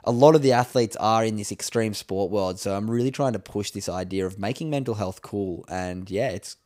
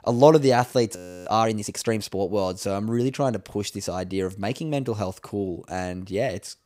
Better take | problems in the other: first | audio freezing; at 1 s

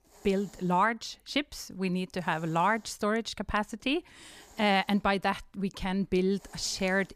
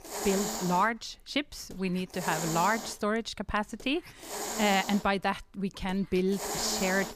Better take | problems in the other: first | hiss; loud; throughout; 5 dB below the speech; faint in the first

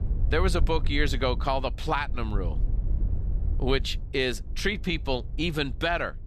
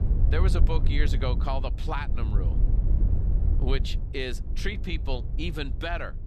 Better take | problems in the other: first | wind noise on the microphone; heavy; 10 dB below the speech; occasional gusts in the first

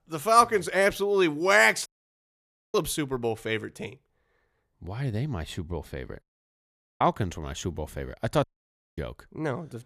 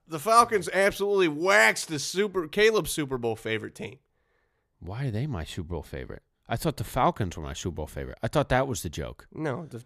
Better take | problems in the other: second | audio cutting out; at 2 s for 1 s, at 6 s for 1 s and at 8.5 s for 0.5 s

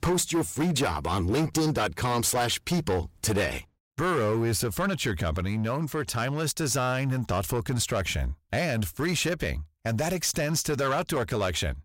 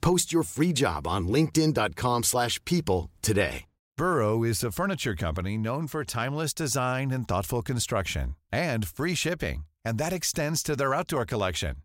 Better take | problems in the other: second | distortion; slight; 12% of the sound clipped

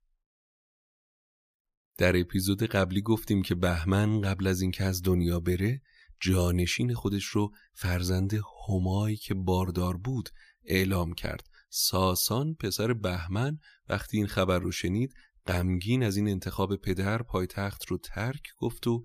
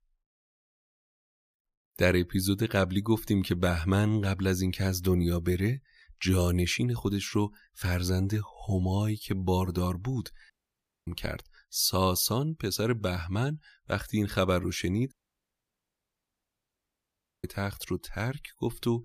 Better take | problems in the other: first | audio cutting out; at 11 s for 0.5 s and at 15 s for 2.5 s

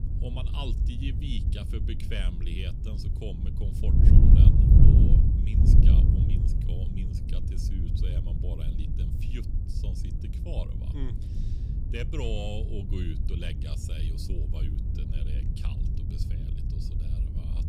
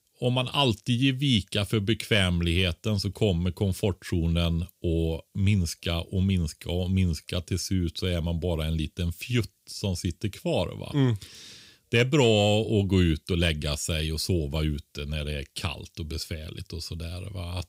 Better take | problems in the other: second | wind noise on the microphone; heavy; 2 dB above the speech

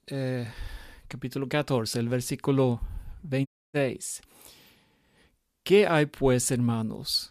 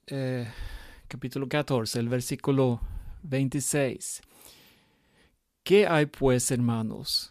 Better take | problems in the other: second | audio cutting out; at 3.5 s

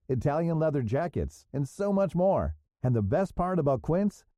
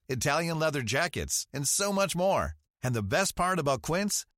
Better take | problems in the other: second | muffled; very; fading above 1.5 kHz

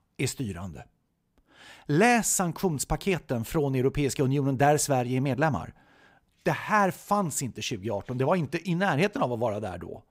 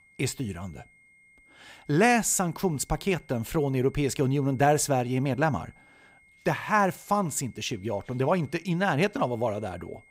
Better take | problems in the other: first | high-pitched whine; faint; throughout; 2 kHz, 30 dB below the speech

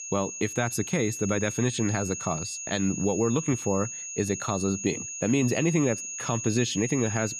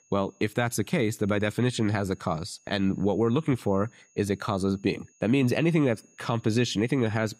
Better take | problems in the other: second | high-pitched whine; loud; throughout; 6.5 kHz, 6 dB below the speech; faint in the second

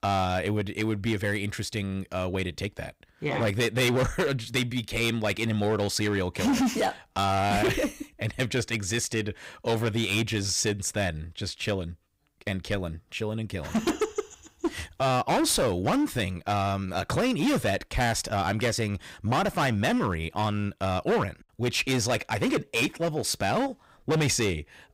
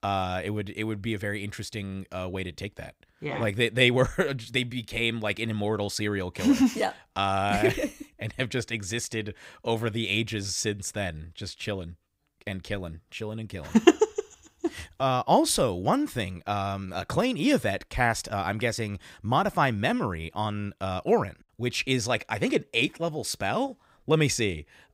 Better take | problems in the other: second | distortion; heavy; 11% of the sound clipped

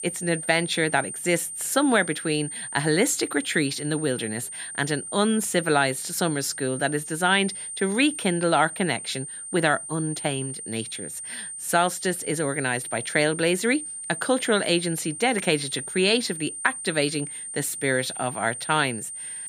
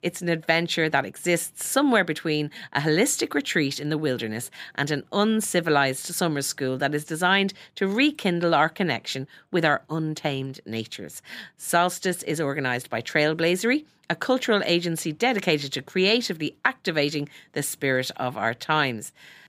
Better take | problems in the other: second | high-pitched whine; loud; throughout; 9 kHz, 8 dB below the speech

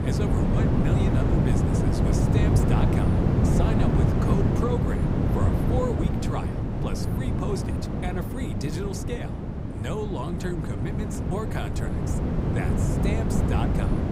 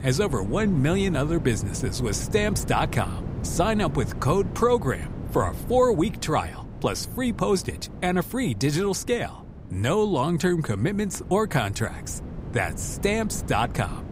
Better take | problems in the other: second | wind noise on the microphone; heavy; 3 dB above the speech; occasional gusts in the second

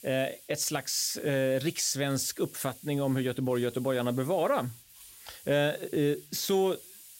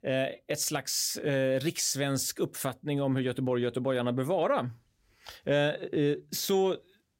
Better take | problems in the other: second | hiss; noticeable; throughout; 20 dB below the speech

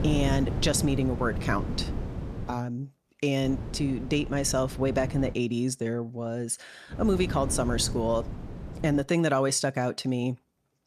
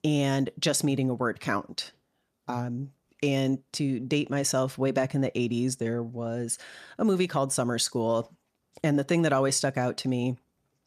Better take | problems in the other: second | wind noise on the microphone; occasional gusts; until 2.5 s, from 3.5 to 5.5 s and from 7 to 9 s; 15 dB below the speech

